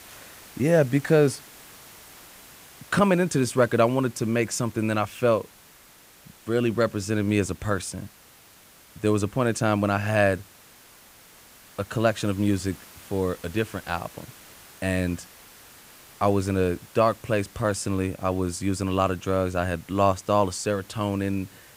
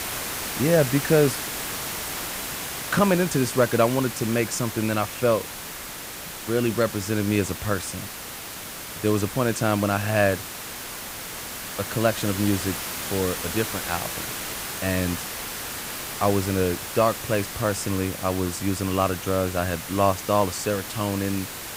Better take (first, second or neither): first